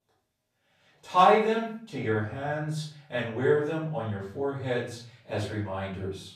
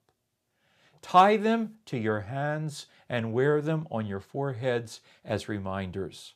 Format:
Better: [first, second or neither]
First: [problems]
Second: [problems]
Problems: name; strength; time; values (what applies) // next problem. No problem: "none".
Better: second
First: room echo; noticeable; dies away in 0.4 s // off-mic speech; far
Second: none